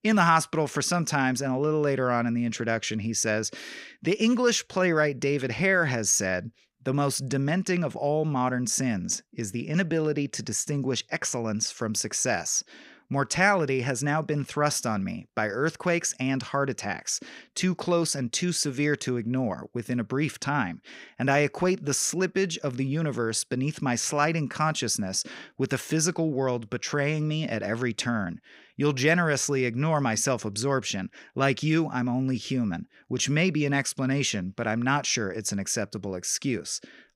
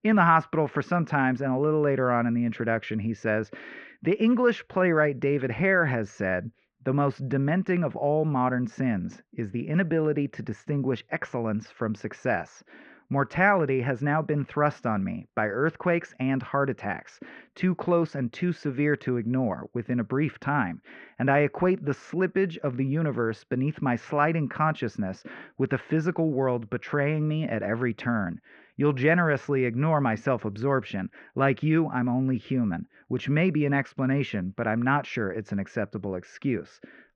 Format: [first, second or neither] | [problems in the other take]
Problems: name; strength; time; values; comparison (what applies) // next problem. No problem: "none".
first | muffled; very; fading above 2 kHz